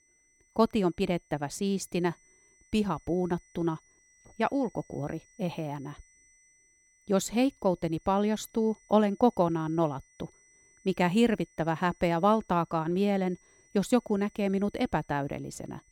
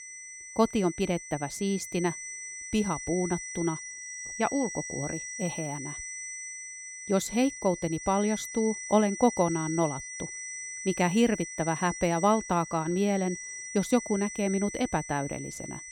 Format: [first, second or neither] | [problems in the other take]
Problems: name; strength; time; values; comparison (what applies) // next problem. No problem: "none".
first | high-pitched whine; loud; throughout; 6 kHz, 9 dB below the speech; faint in the first